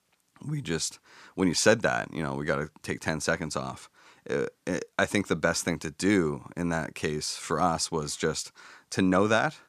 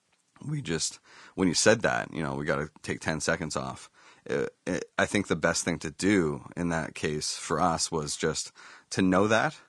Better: first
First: none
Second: garbled, watery; slightly; nothing above 10 kHz

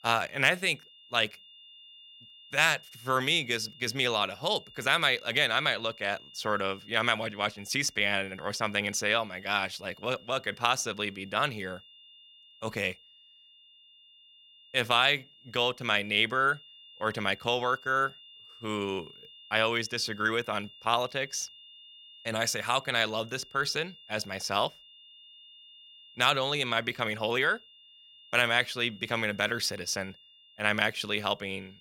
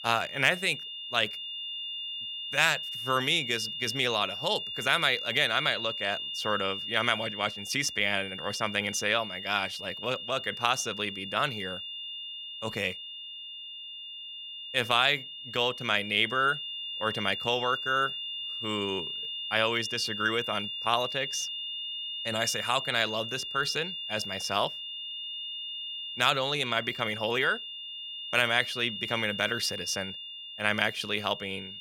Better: first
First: high-pitched whine; faint; throughout; 3 kHz, 25 dB below the speech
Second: high-pitched whine; loud; throughout; 3 kHz, 7 dB below the speech

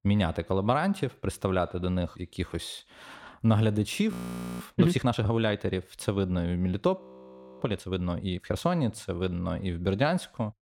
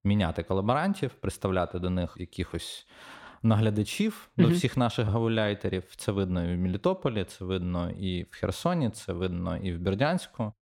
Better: second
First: audio freezing; at 4 s and at 7 s for 0.5 s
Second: none

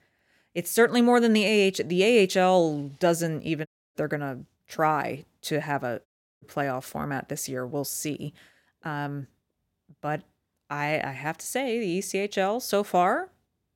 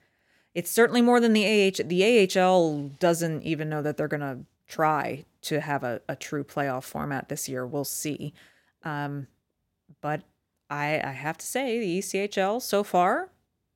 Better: second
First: audio cutting out; at 3.5 s and at 6 s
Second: none

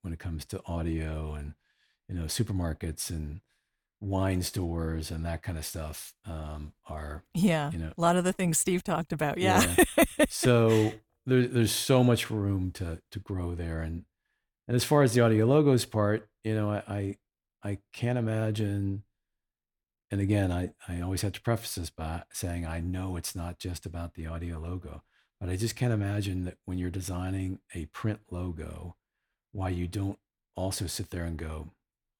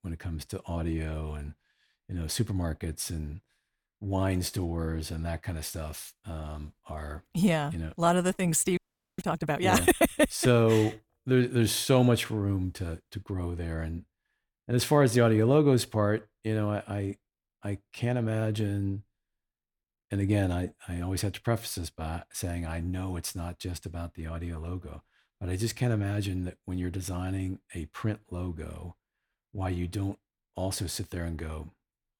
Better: first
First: none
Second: audio freezing; at 9 s

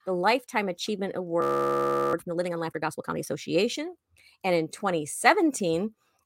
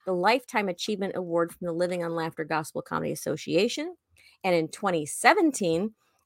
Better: second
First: audio freezing; at 1.5 s for 0.5 s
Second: none

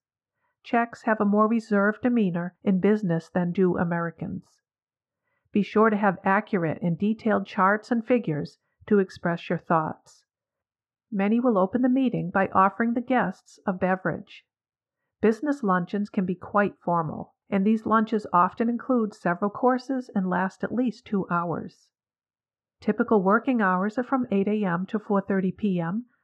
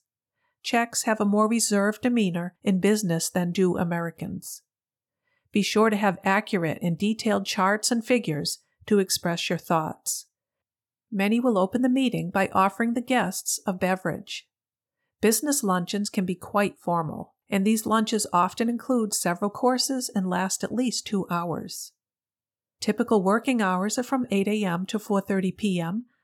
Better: second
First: muffled; very; fading above 1.5 kHz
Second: none

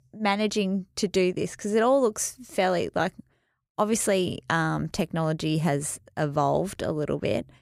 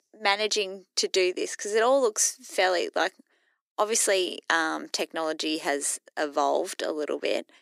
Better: first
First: none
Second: thin; somewhat; fading below 300 Hz

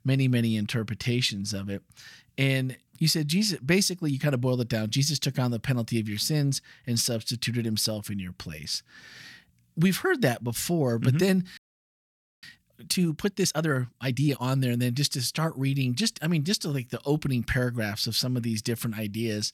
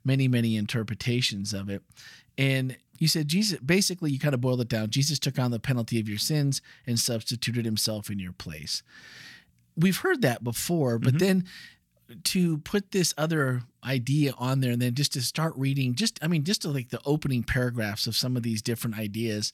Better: second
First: audio freezing; at 12 s for 1 s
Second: none

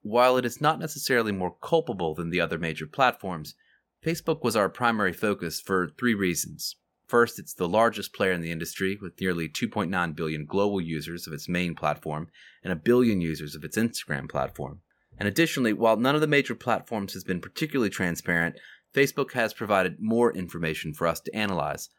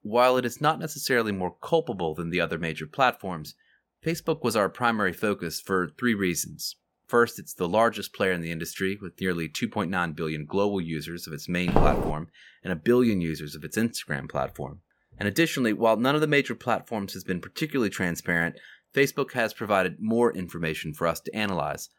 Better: first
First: none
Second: footsteps; loud; at 12 s; peak 2 dB above the speech

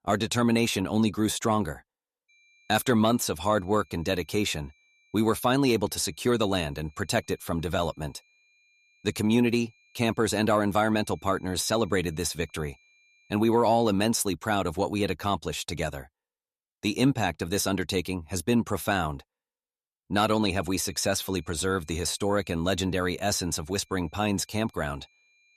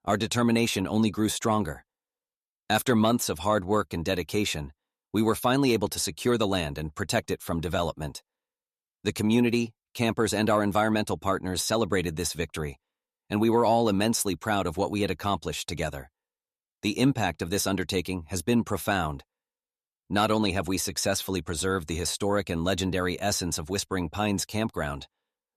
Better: second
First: high-pitched whine; faint; from 2.5 to 14 s and from 20 s on; 2.5 kHz, 35 dB below the speech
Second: none

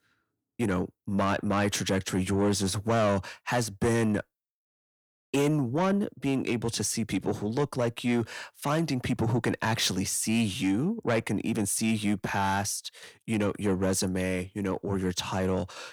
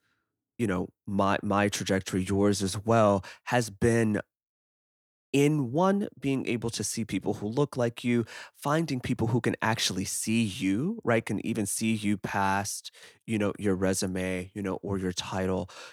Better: second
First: distortion; slight; 10 dB below the speech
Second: none

